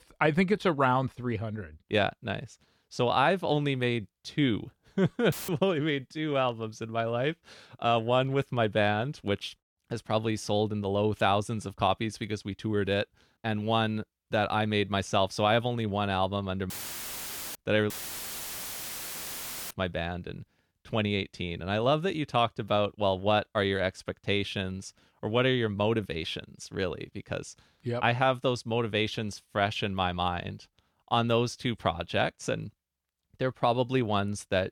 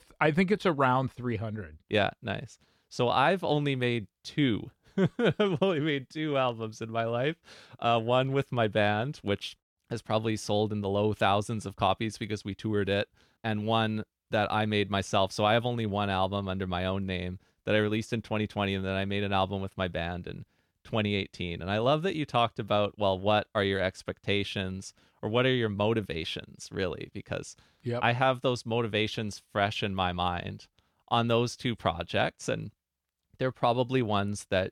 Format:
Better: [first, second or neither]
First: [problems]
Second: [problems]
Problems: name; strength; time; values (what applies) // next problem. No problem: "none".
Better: second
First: audio cutting out; filled with static; at 5.5 s, at 17 s for 1 s and at 18 s for 2 s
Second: none